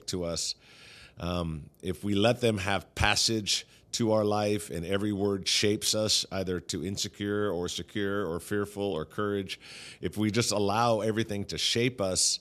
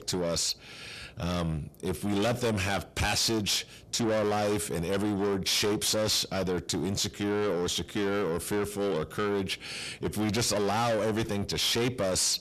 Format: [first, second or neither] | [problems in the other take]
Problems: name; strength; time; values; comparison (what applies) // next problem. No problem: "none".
first | distortion; heavy; 6 dB below the speech